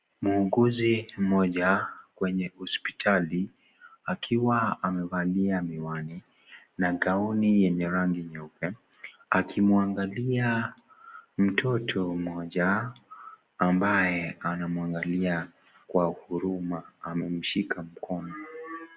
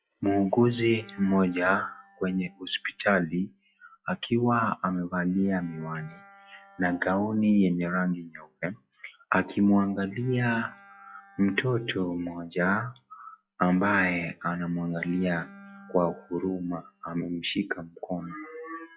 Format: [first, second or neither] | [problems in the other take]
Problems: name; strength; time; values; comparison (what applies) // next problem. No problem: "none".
first | noise reduction (classical method log-MMSE)